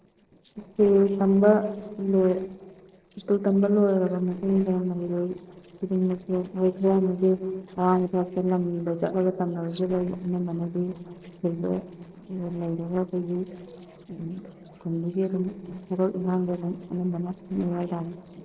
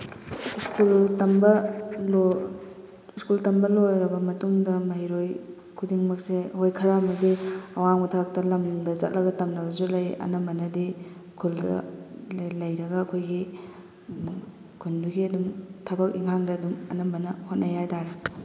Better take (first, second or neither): second